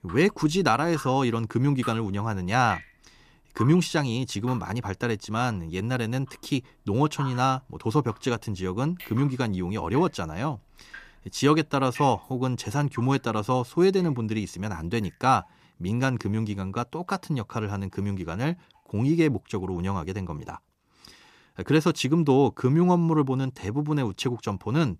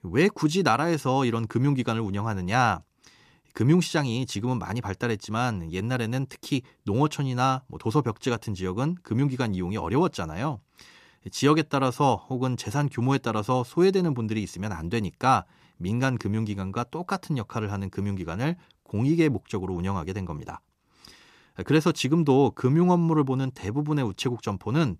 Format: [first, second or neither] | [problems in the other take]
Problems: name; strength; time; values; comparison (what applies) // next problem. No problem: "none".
second | rain or running water; noticeable; throughout; 15 dB below the speech